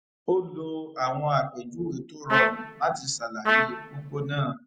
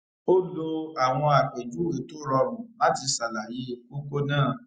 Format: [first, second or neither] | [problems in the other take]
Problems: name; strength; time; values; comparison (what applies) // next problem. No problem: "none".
second | background sound (Trumpet); 3 dB above the speech